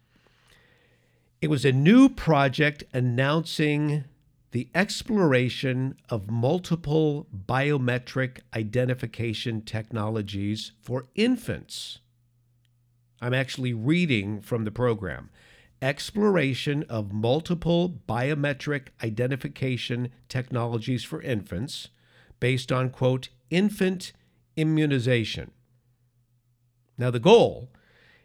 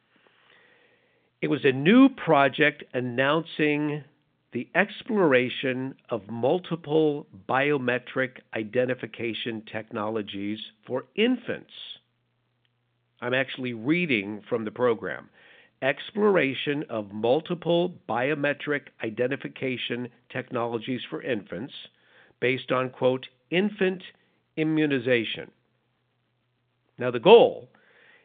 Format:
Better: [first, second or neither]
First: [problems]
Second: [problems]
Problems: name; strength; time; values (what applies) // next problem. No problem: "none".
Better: first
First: none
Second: phone-call audio